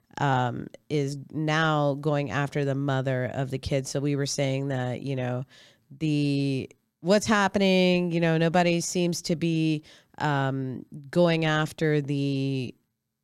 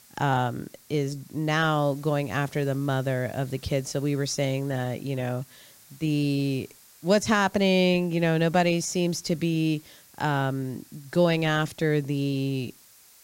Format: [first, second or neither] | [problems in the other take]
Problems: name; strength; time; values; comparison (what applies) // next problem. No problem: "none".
first | hiss; faint; throughout; 25 dB below the speech